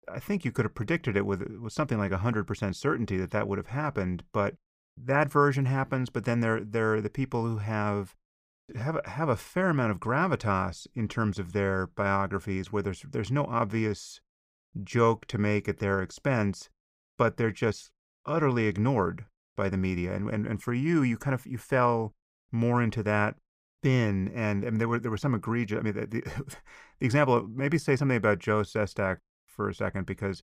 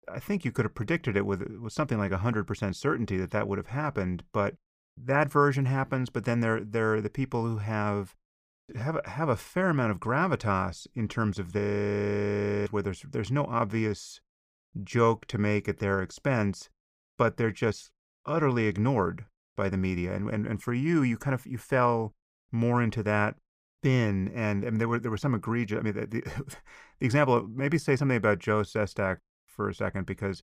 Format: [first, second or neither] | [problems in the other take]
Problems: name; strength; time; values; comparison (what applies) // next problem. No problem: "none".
first | audio freezing; at 12 s for 1 s